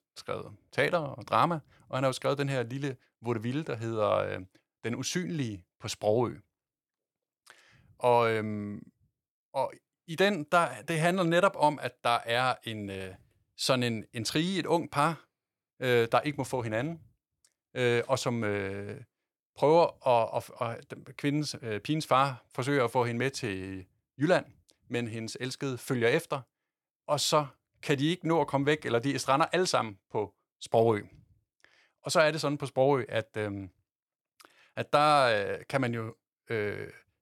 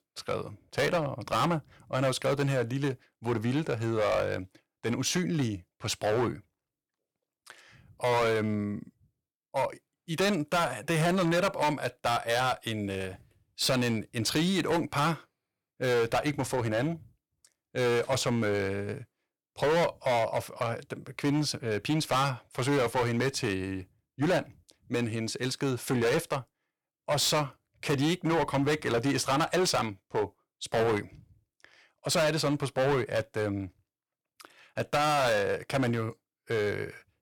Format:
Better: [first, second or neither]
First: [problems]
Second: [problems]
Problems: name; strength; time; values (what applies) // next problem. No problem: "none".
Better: first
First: none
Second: distortion; heavy; 11% of the sound clipped